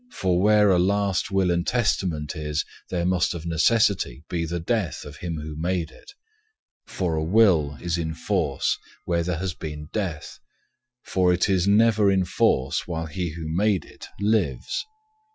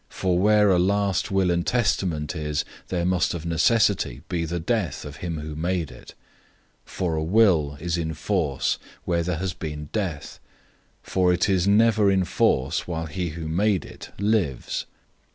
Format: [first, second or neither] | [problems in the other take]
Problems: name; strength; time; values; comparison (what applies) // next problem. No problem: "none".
second | noise reduction (classical method Wiener filter)